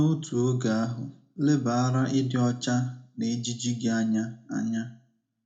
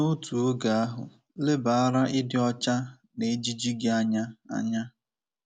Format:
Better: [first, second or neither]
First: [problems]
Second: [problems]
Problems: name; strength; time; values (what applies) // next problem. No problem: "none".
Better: second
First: room echo; dies away in 0.3 s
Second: none